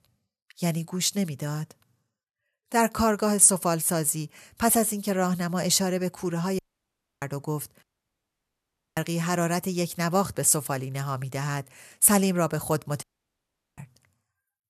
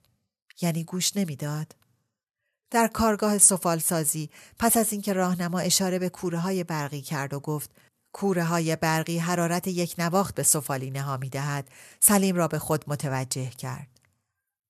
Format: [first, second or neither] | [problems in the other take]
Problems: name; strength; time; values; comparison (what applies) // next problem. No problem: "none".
second | audio cutting out; at 6.5 s for 0.5 s, at 8 s for 1 s and at 13 s for 1 s